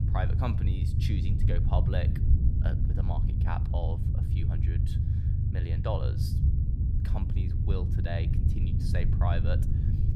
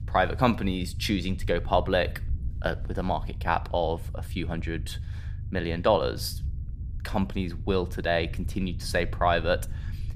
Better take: second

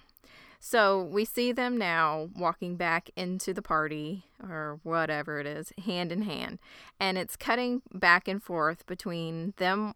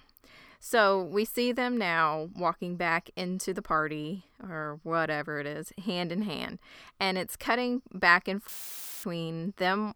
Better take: first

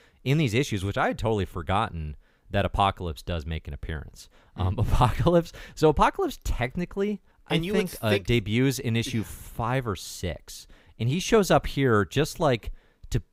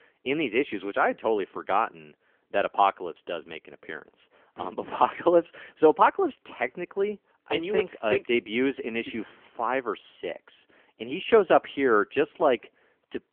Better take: first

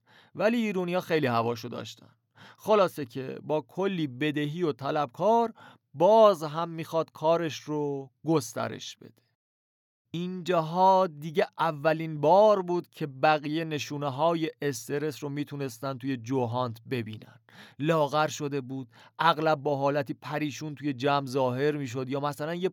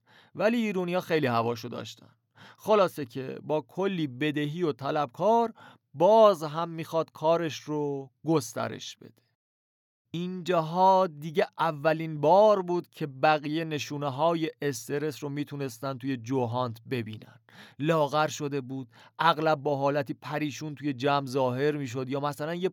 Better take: neither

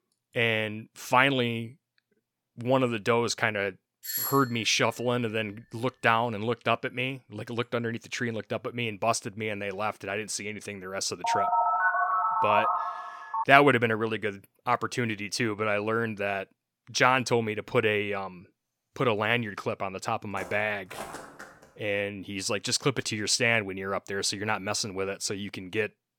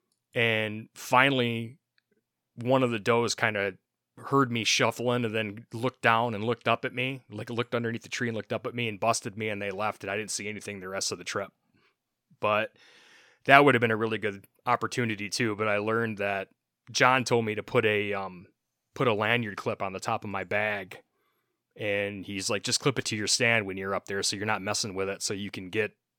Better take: second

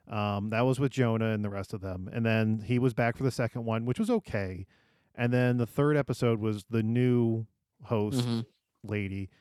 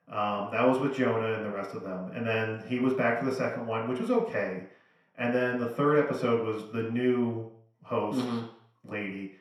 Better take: first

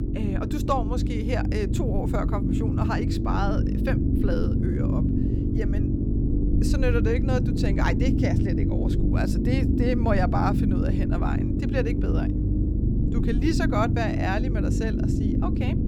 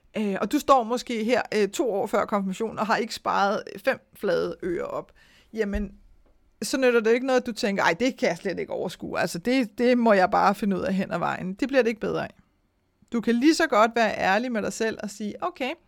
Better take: second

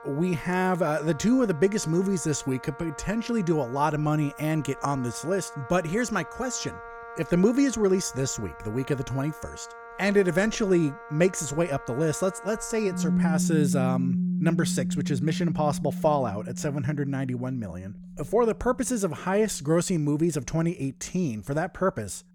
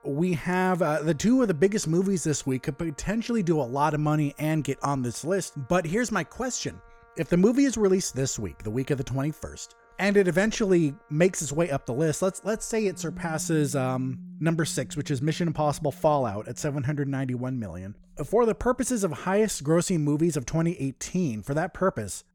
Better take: second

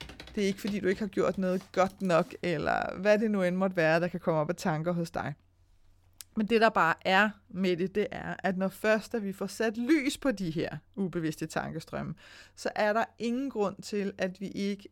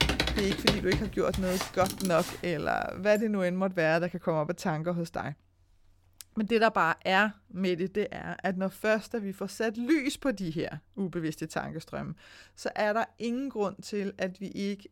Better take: first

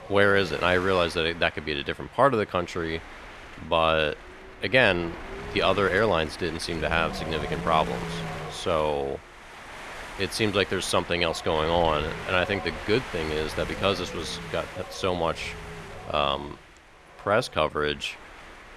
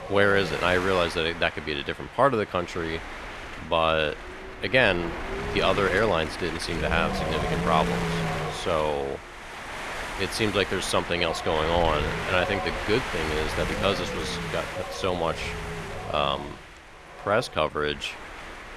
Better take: first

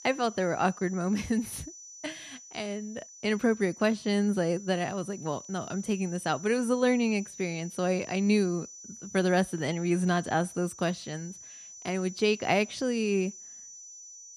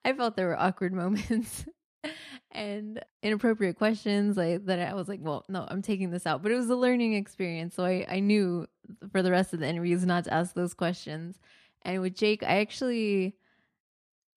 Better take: second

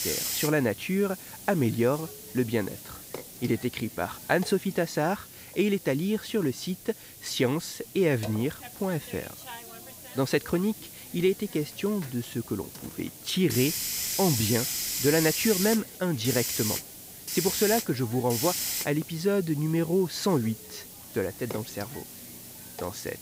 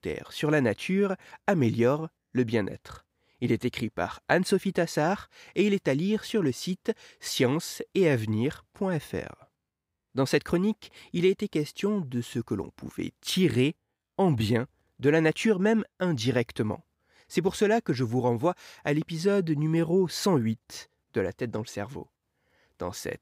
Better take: second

